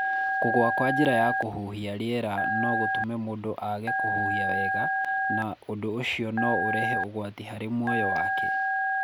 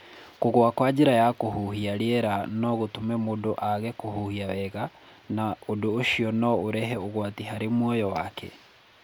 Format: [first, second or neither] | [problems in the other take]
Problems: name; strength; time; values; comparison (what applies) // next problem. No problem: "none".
second | background sound (Telephone); 1 dB above the speech